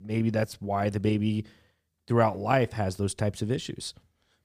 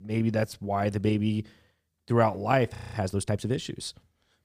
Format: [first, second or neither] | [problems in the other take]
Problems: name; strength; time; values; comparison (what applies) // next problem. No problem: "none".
first | audio freezing; at 3 s